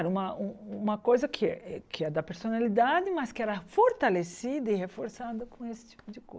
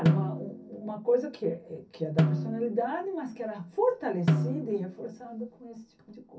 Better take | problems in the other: first | background sound (Snare drum); as loud as the speech // room echo; dies away in 0.3 s

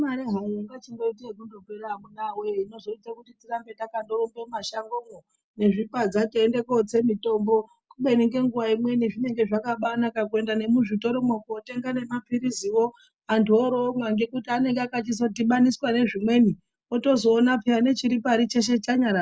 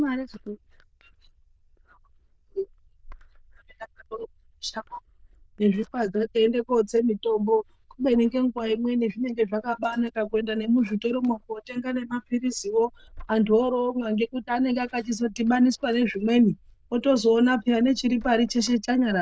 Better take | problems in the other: first | noise reduction (neural diffusion model UNIVERSE++)

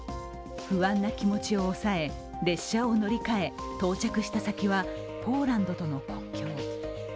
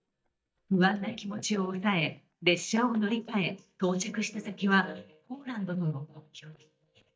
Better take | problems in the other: first | noise reduction (neural mask model DeepFilterNet 3)

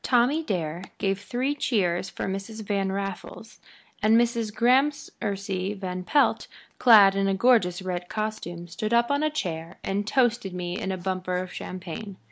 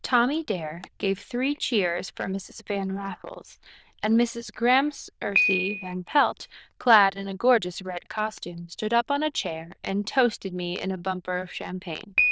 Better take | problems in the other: first | noise reduction (neural diffusion model UNIVERSE++)

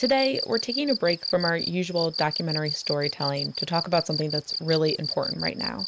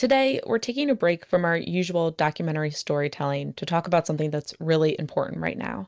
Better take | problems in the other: second | background sound (Cricket); 6 dB below the speech

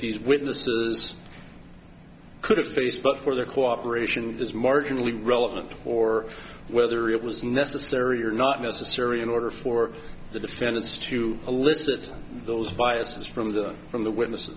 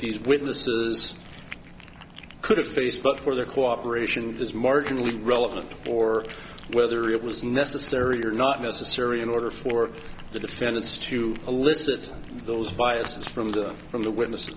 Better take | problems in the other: first | background sound (Cat); 20 dB below the speech

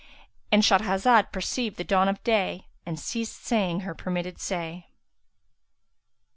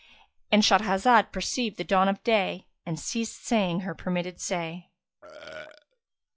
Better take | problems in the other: first | noise reduction (classical method log-MMSE)

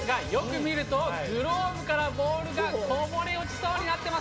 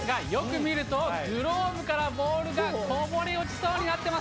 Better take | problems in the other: second | background sound (Electric guitar); 14 dB below the speech // room echo; dies away in 0.3 s

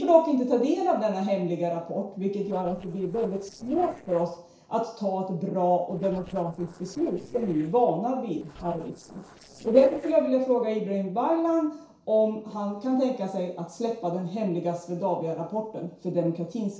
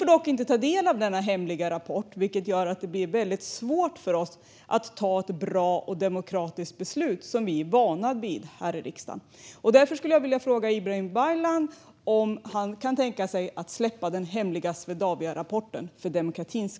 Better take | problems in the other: second | noise reduction (neural separator model SepFormer DNS4)

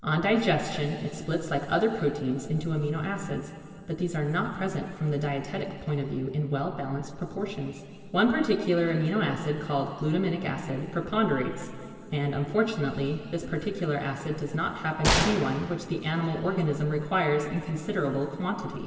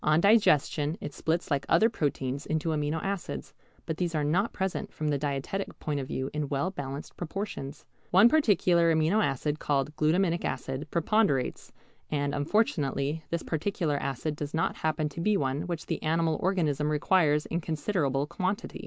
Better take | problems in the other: second | background sound (Gunshot, gunfire); 4 dB below the speech // room echo; dies away in 2.6 s

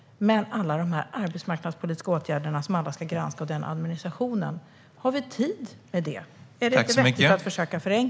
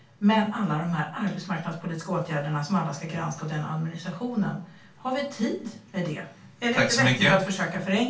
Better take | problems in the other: first | room echo; dies away in 0.3 s

